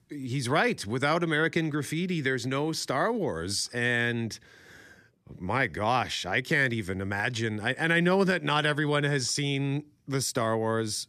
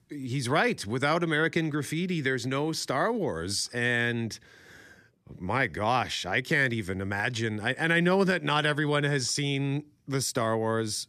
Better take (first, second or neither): neither